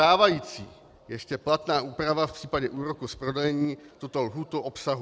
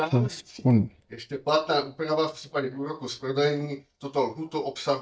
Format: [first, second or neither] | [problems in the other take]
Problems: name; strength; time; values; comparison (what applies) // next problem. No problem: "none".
first | noise reduction (neural mask model DeepFilterNet 3)